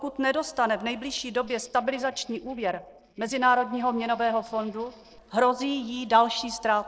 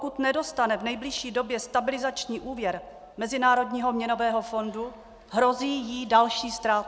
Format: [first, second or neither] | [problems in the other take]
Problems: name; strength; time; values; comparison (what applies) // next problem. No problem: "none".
second | noise reduction (neural separator model SepFormer DNS4)